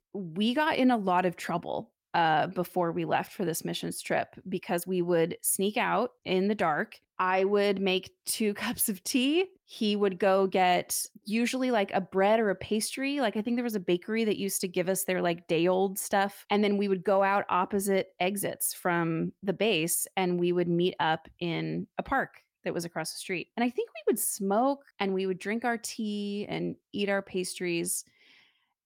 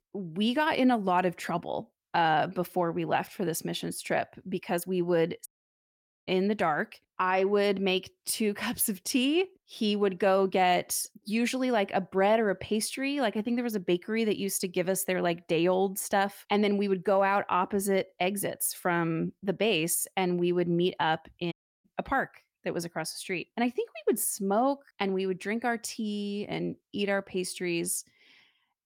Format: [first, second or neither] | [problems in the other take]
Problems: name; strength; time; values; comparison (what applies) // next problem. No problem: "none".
first | audio cutting out; at 5.5 s for 1 s and at 22 s